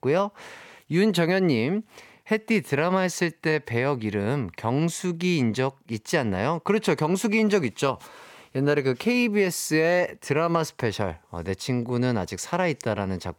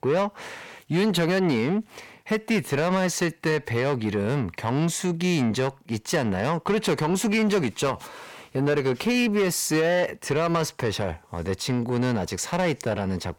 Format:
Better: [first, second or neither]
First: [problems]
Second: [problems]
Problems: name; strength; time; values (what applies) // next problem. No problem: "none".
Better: first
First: none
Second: distortion; slight; 10 dB below the speech